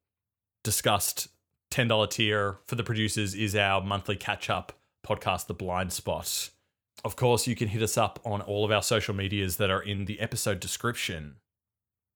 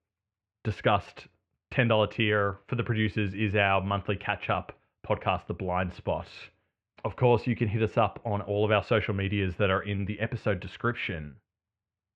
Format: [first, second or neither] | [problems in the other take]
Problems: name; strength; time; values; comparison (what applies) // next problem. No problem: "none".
first | muffled; very; fading above 2.5 kHz